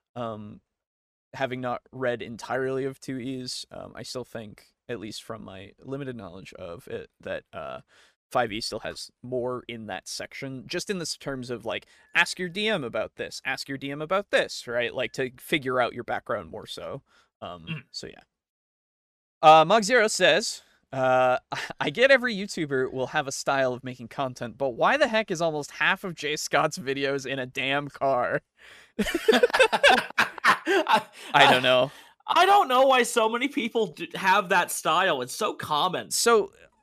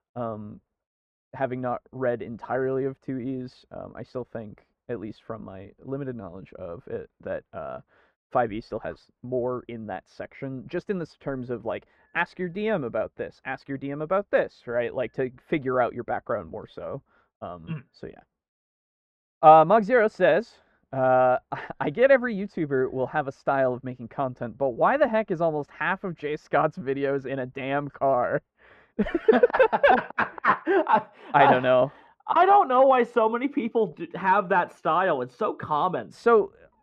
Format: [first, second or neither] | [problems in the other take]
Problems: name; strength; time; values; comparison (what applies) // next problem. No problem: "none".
first | muffled; very; fading above 4 kHz